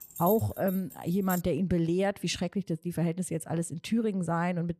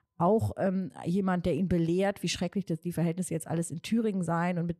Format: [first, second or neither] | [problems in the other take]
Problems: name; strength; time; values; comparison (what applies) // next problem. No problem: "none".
second | jangling keys; noticeable; until 1.5 s; peak 7 dB below the speech